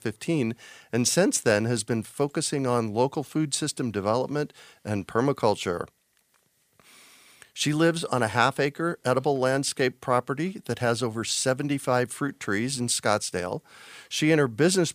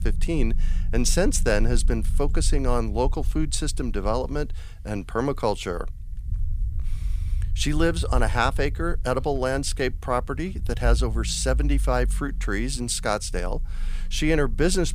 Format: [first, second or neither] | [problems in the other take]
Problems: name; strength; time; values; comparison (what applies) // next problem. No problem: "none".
first | low rumble; faint; throughout; 25 dB below the speech